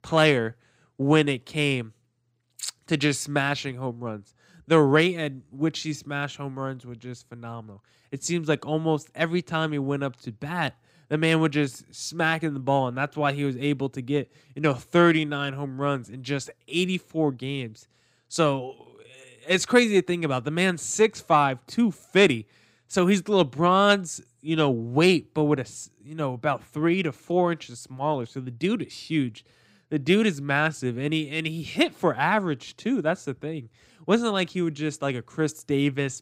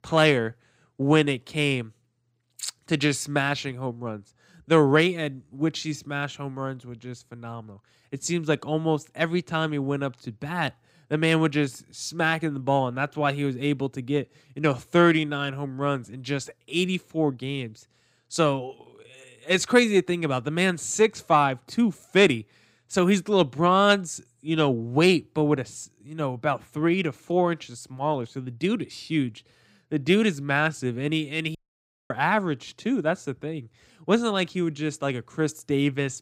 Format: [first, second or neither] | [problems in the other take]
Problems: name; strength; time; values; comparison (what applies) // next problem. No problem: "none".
first | audio cutting out; at 32 s for 0.5 s